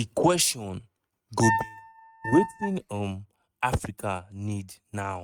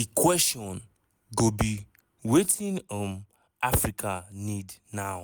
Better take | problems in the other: second | noise reduction (neural mask model RNNoise)

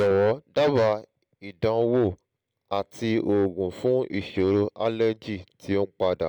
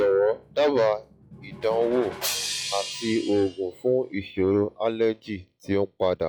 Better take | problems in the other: first | noise reduction (classical method log-MMSE)

